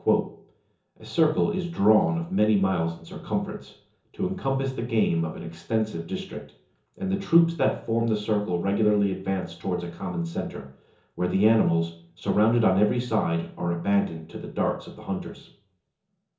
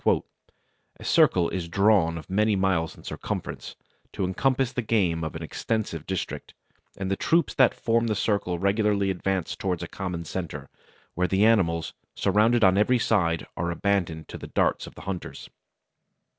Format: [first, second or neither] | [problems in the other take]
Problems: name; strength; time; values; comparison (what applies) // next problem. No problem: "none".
second | room echo; dies away in 0.6 s